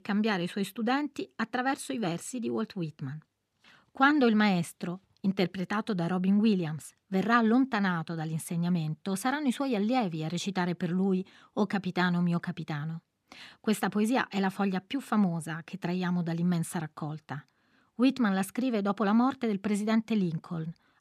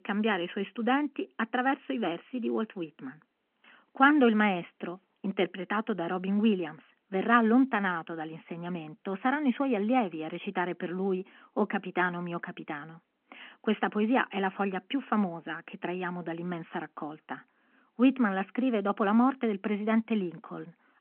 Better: first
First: none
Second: phone-call audio

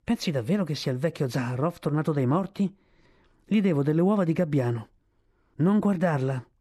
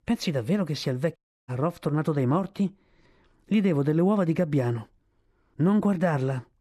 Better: first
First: none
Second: audio cutting out; at 1 s

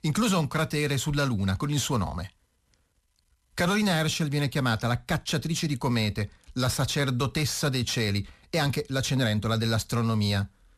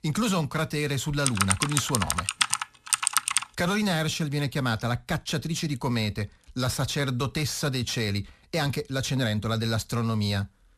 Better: first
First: none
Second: keyboard typing; loud; from 1.5 to 3.5 s; peak 5 dB above the speech

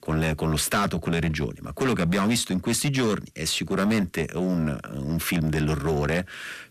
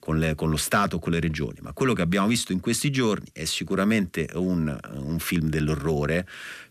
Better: second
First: distortion; slight; 12% of the sound clipped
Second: none

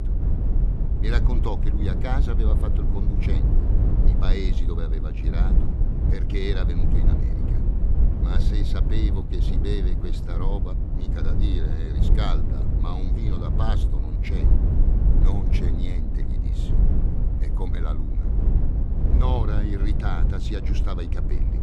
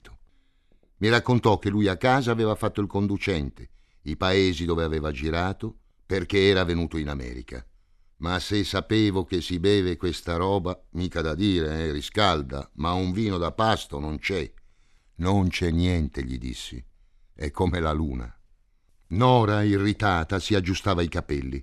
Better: second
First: low rumble; loud; throughout; 2 dB below the speech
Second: none

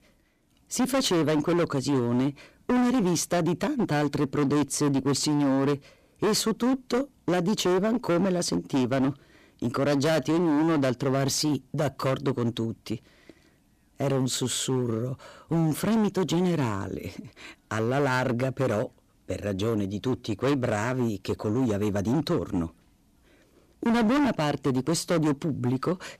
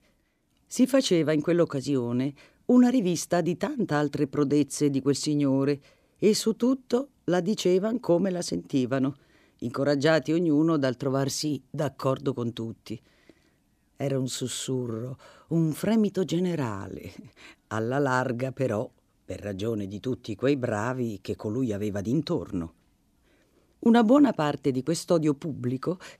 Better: second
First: distortion; heavy; 18% of the sound clipped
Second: none

